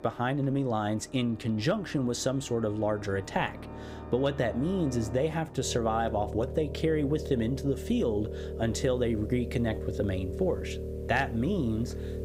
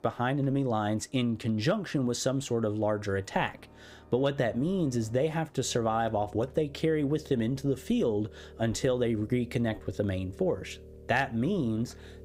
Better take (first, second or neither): second